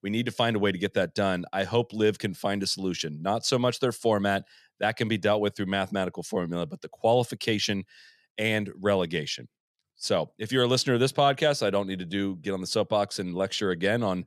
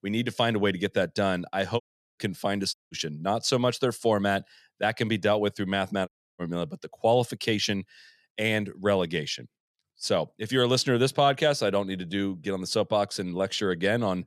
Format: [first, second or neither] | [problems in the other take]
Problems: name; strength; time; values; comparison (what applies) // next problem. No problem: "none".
first | audio cutting out; at 2 s, at 2.5 s and at 6 s